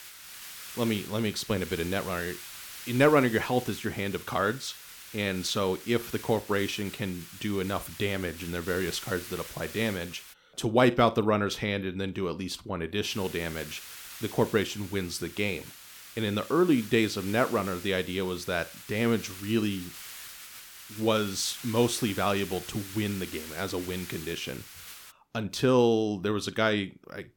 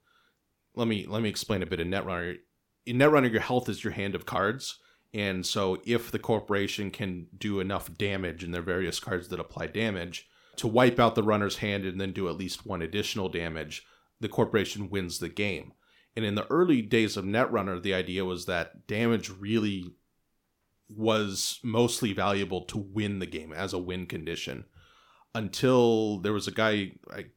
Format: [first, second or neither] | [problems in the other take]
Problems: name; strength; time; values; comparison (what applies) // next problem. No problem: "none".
second | hiss; noticeable; until 10 s and from 13 to 25 s; 15 dB below the speech